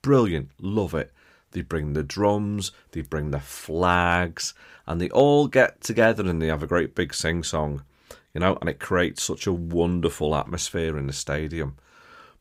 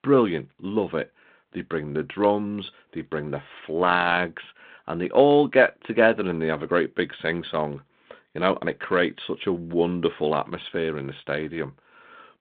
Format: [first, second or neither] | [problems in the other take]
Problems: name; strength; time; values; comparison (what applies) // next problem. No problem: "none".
first | phone-call audio; nothing above 3.5 kHz